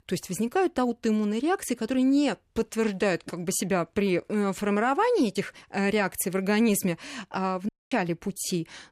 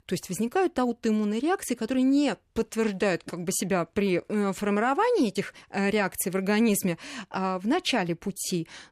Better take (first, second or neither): second